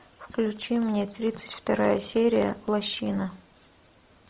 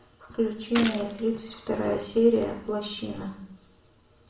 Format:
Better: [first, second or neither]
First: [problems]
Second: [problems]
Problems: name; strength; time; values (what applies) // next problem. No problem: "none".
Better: first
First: none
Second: background sound (Gunshot, gunfire); 9 dB below the speech // room echo; dies away in 0.7 s